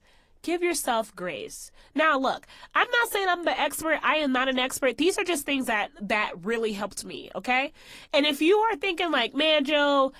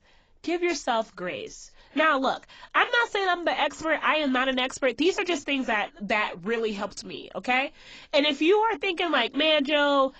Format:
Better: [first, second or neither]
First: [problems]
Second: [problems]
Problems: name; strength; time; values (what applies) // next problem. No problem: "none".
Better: first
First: garbled, watery; slightly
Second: garbled, watery; badly; nothing above 7.5 kHz